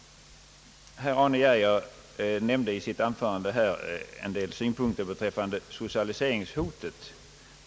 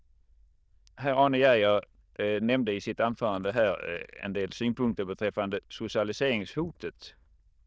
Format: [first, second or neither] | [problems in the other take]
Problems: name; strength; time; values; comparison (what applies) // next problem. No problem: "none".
first | noise reduction (neural diffusion model UNIVERSE++)